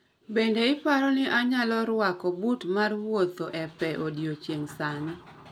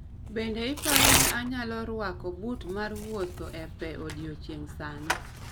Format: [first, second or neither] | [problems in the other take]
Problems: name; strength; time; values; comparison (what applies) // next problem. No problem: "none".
first | background sound (Tearing); 4 dB above the speech